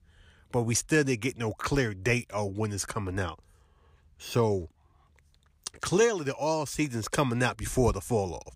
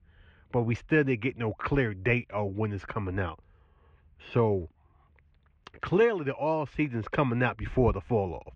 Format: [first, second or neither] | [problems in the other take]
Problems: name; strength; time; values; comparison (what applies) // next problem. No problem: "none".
first | muffled; very; fading above 2.5 kHz